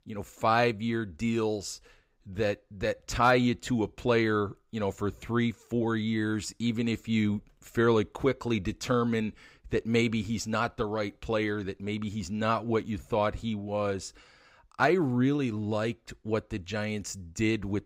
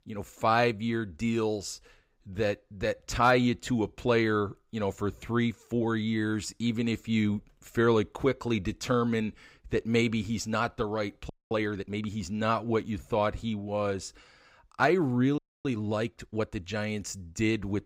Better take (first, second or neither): first